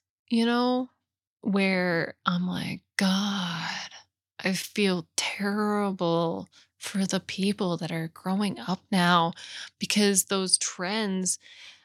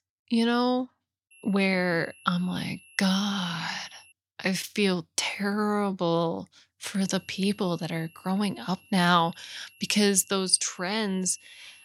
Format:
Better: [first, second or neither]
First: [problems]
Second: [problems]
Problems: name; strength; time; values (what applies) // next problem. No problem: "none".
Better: first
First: none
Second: high-pitched whine; faint; from 1.5 to 4 s and from 7 s on; 2.5 kHz, 25 dB below the speech